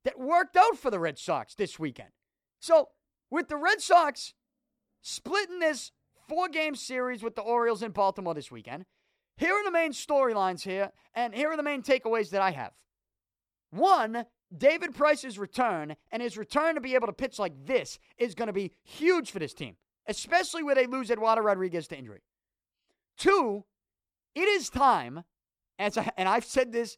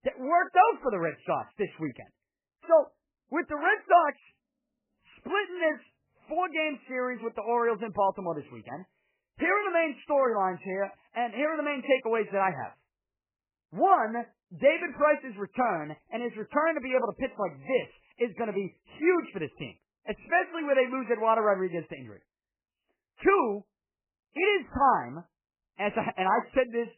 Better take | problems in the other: first | garbled, watery; badly; nothing above 3 kHz

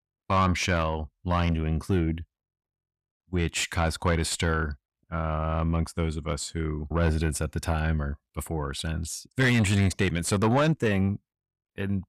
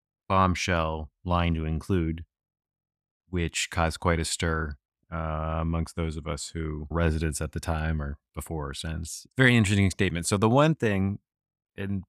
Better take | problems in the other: second | distortion; slight; 10 dB below the speech

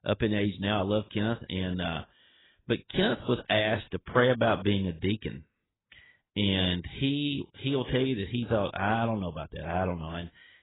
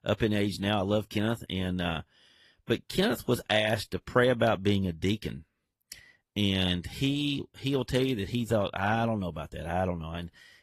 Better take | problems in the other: second | garbled, watery; badly; nothing above 4 kHz; slightly in the second

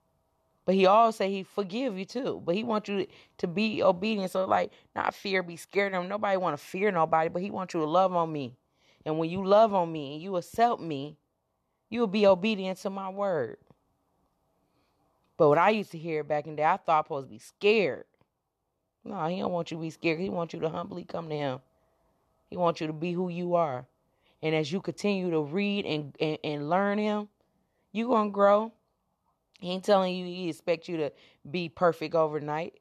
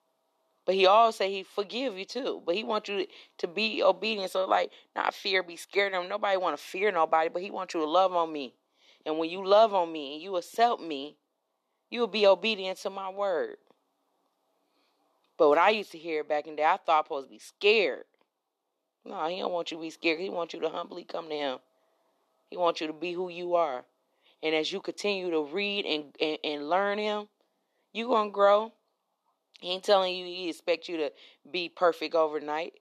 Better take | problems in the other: first | thin; somewhat; fading below 250 Hz

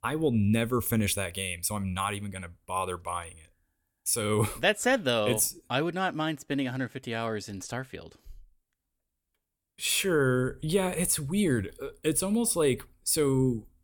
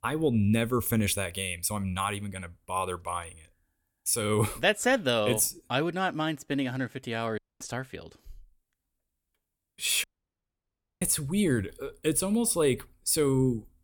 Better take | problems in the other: first | audio cutting out; at 7.5 s and at 10 s for 1 s

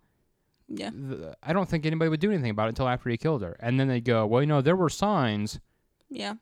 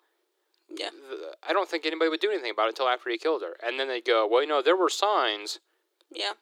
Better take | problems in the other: first | thin; very; fading below 350 Hz

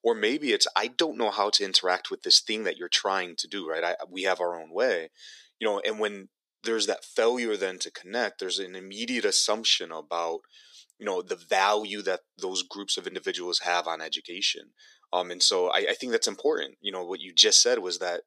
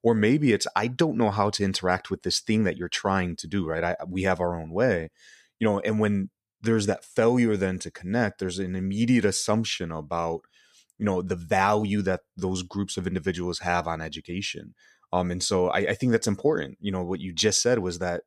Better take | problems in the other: second | thin; somewhat; fading below 350 Hz

